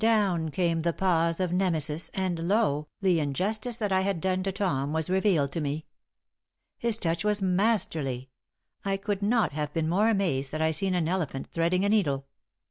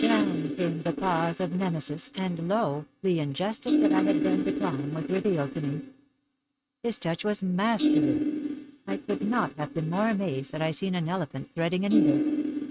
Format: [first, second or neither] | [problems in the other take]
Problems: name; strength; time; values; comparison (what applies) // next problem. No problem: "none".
first | noise reduction (neural mask model RNNoise)